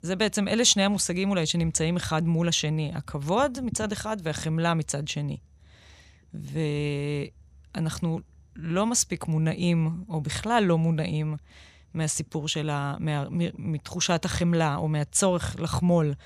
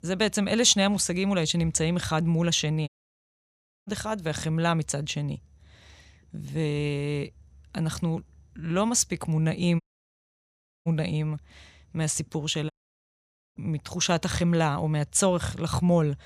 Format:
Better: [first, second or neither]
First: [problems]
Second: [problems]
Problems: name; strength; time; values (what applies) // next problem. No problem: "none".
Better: first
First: none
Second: audio cutting out; at 3 s for 1 s, at 10 s for 1 s and at 13 s for 1 s